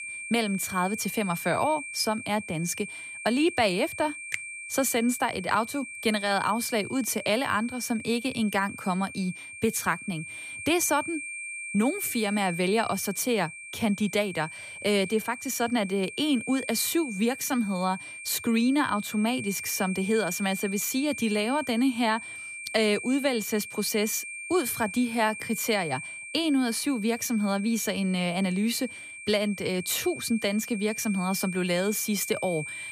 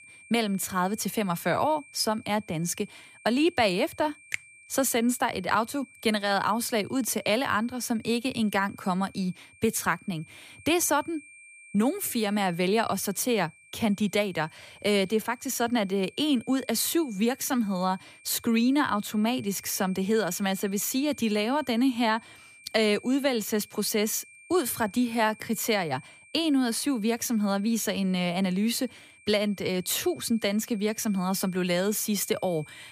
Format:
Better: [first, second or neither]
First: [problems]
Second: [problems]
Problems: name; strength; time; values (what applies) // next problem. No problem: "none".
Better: second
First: high-pitched whine; loud; throughout; 2.5 kHz, 10 dB below the speech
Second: high-pitched whine; faint; throughout; 2.5 kHz, 25 dB below the speech